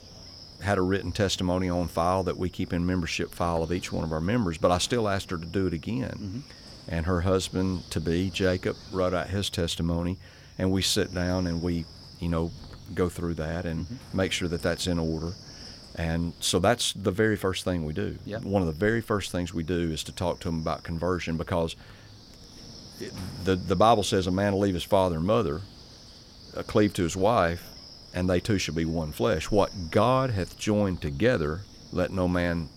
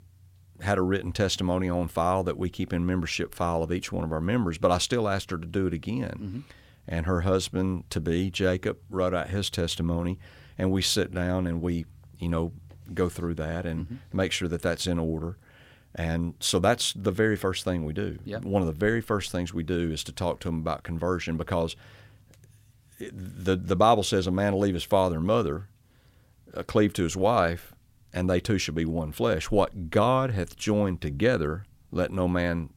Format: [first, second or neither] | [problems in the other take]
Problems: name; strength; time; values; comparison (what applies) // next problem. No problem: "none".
second | wind noise on the microphone; occasional gusts; 20 dB below the speech